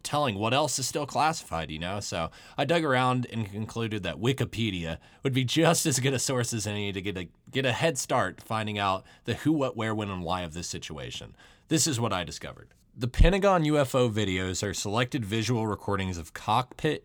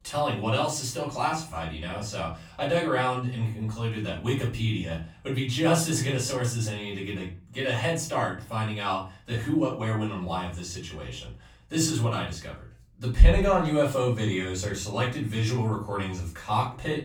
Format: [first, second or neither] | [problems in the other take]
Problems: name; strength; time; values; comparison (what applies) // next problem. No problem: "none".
first | room echo; slight; dies away in 0.3 s // off-mic speech; far